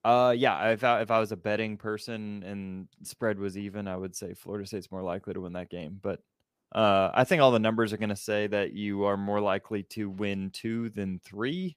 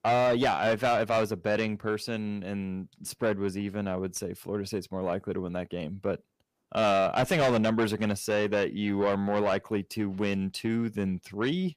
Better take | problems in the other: first | distortion; heavy; 7 dB below the speech

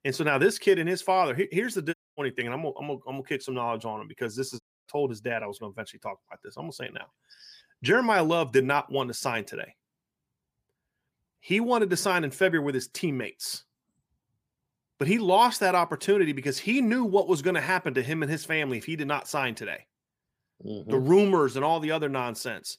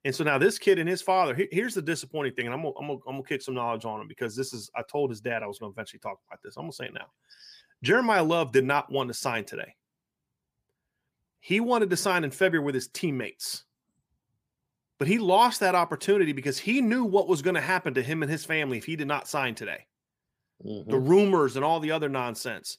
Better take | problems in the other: second | audio cutting out; at 2 s and at 4.5 s

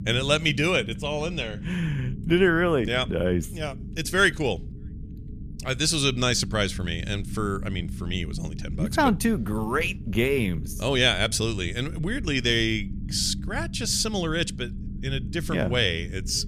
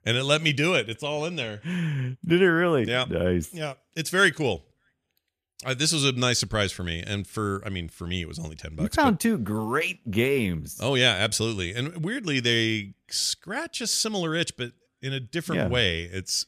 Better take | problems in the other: second | low rumble; faint; throughout; 20 dB below the speech

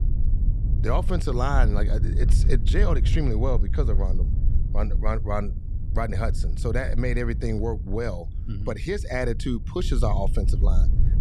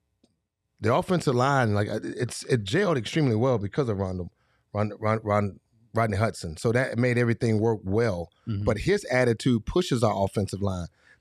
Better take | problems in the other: second | low rumble; noticeable; throughout; 15 dB below the speech

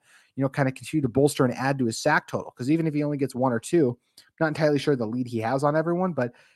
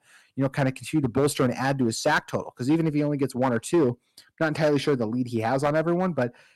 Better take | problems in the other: first | distortion; slight; 4% of the sound clipped

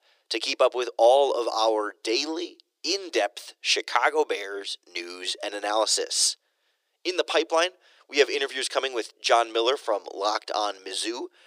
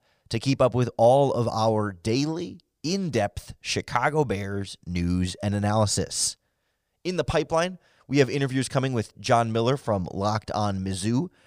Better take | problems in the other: second | thin; very; fading below 350 Hz

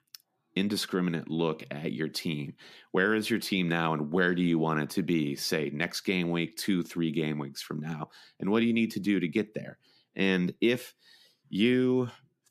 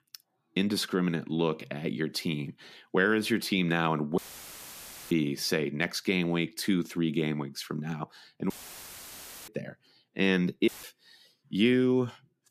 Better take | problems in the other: first | audio cutting out; filled with static; at 4 s for 1 s, at 8.5 s for 1 s and at 11 s

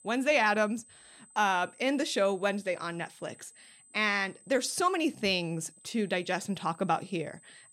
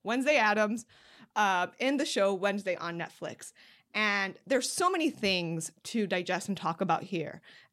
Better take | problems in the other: second | high-pitched whine; faint; throughout; 8 kHz, 25 dB below the speech

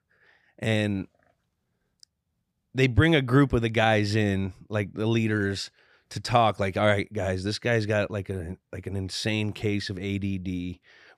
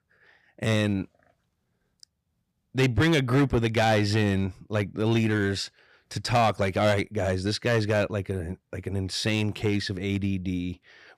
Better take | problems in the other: first | distortion; slight; 4% of the sound clipped

